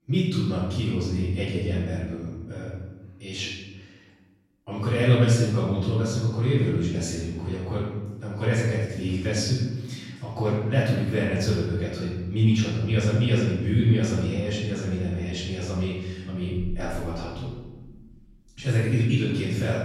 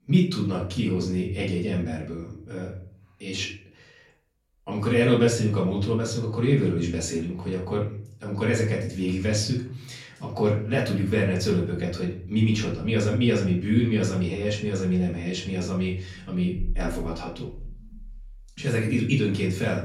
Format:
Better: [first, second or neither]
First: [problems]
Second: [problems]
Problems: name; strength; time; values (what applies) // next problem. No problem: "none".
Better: second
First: room echo; strong; dies away in 1.1 s // off-mic speech; far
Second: room echo; slight; dies away in 0.4 s // off-mic speech; far